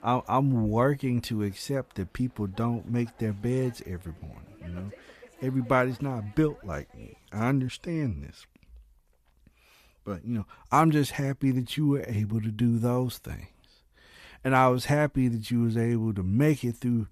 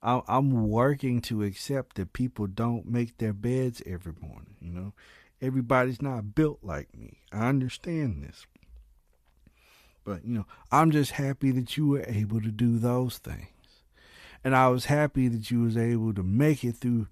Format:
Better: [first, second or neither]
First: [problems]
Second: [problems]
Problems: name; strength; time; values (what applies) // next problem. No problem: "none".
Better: second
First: animal sounds; faint; until 7.5 s; 30 dB below the speech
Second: none